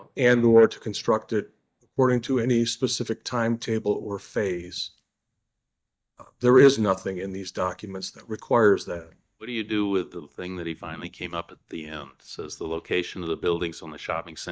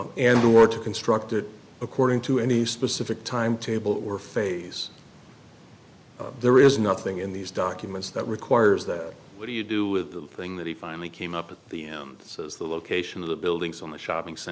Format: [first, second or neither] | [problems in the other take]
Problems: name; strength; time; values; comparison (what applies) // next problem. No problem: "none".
second | noise reduction (neural mask model DeepFilterNet 3)